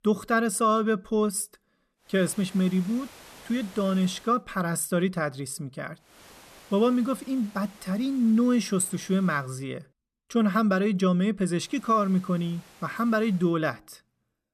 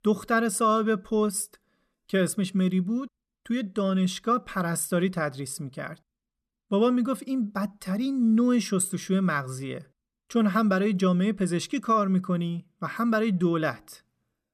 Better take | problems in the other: second | hiss; faint; from 2 to 4.5 s, from 6 to 9.5 s and from 12 to 13 s; 25 dB below the speech

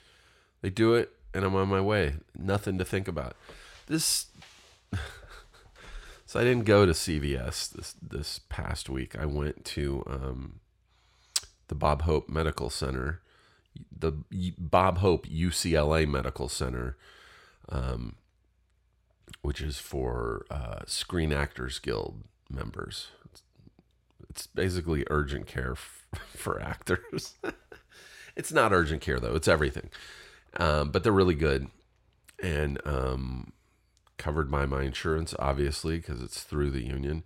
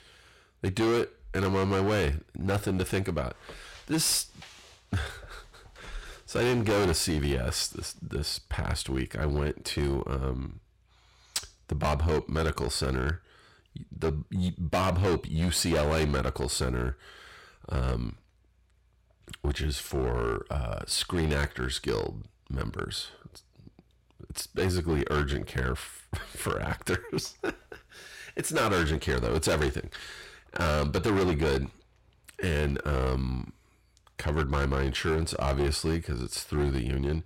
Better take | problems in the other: first | distortion; heavy; 10% of the sound clipped

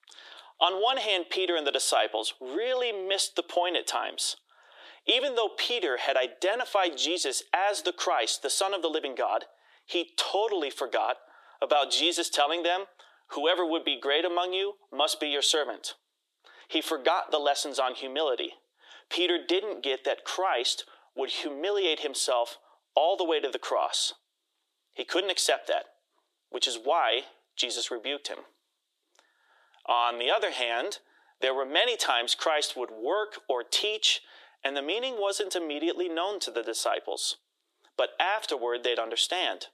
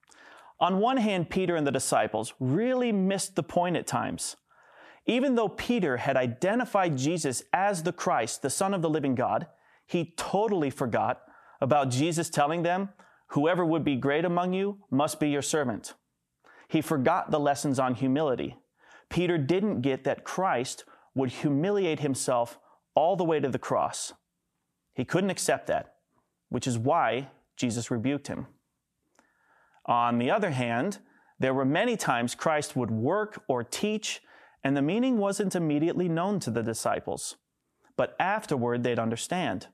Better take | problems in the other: second | thin; very; fading below 350 Hz

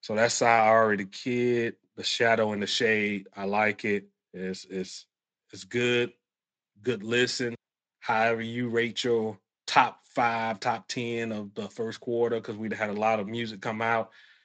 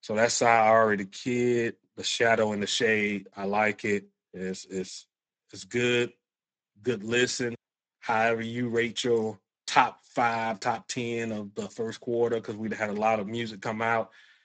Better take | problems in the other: first | garbled, watery; badly; nothing above 7.5 kHz; slightly in the first

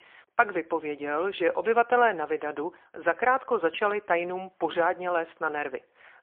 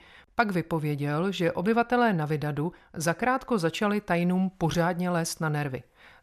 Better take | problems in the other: second | phone-call audio; poor line; nothing above 3.5 kHz

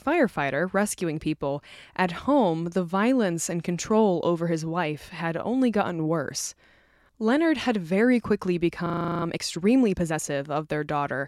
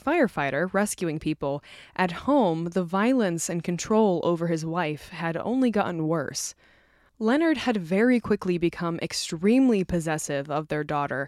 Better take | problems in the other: second | audio freezing; at 9 s

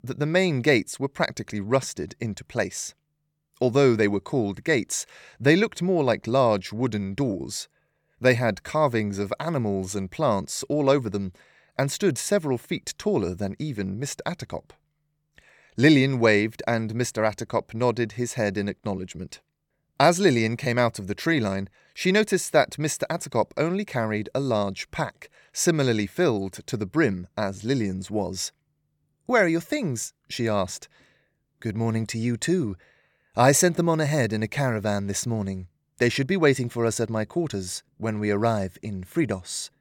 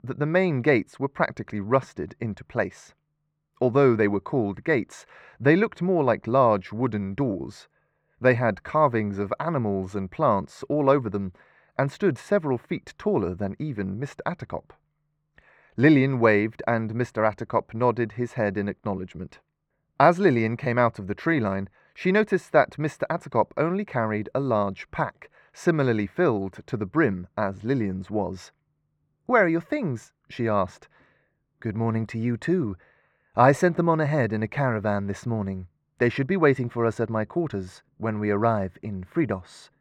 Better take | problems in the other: first | muffled; very; fading above 3.5 kHz

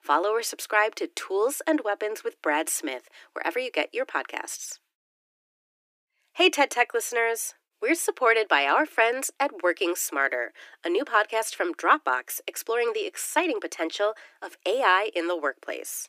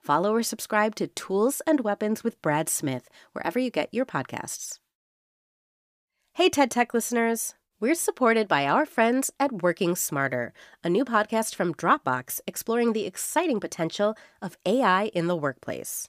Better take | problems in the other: second | thin; somewhat; fading below 300 Hz

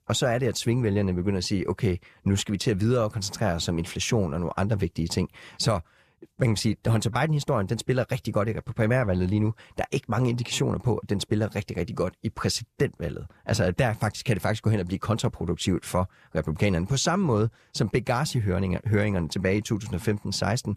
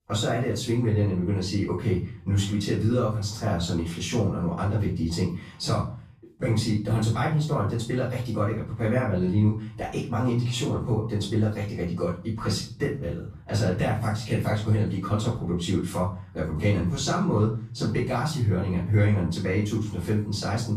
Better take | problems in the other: first | off-mic speech; far // room echo; noticeable; dies away in 0.4 s

